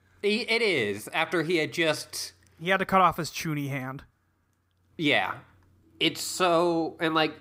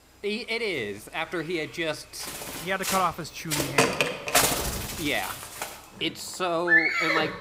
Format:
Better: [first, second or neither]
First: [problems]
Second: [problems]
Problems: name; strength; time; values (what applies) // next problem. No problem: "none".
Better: first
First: none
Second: animal sounds; very loud; throughout; 4 dB above the speech